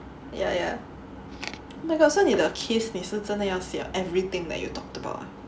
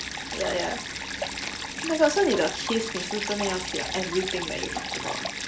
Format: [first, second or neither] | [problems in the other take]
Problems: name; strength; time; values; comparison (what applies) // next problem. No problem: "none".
first | background sound (Stream); 5 dB below the speech